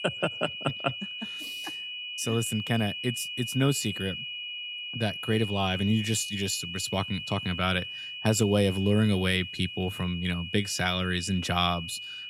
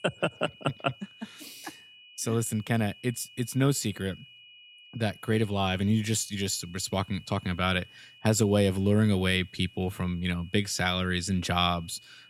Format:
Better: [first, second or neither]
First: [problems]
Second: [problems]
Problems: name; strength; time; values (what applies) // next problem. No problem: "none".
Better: second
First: high-pitched whine; loud; throughout; 3 kHz, 7 dB below the speech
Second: high-pitched whine; faint; throughout; 3 kHz, 25 dB below the speech